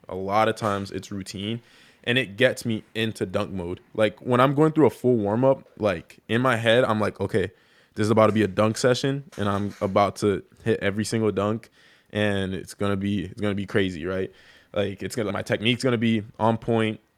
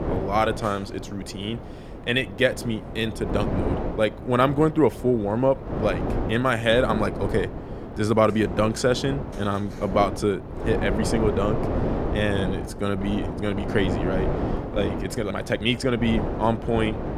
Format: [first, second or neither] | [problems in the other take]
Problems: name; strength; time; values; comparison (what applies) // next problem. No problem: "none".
first | wind noise on the microphone; heavy; 8 dB below the speech